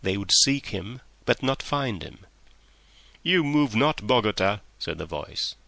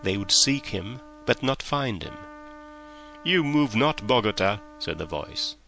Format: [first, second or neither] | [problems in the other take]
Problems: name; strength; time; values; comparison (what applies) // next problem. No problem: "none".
first | background sound (Trumpet); 20 dB below the speech